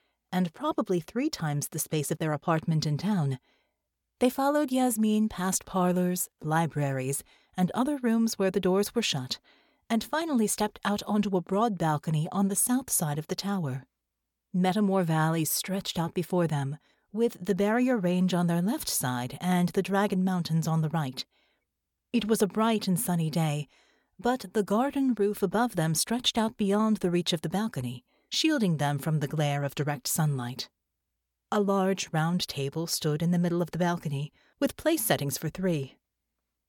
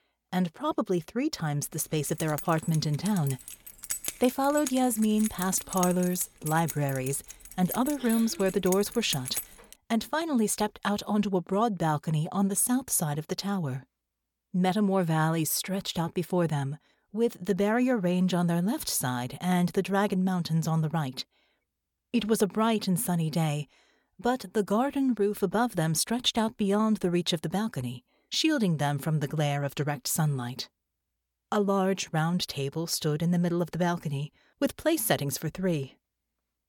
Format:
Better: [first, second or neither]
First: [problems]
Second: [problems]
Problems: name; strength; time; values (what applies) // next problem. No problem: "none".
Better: first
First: none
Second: jangling keys; noticeable; from 2 to 9.5 s; peak 4 dB below the speech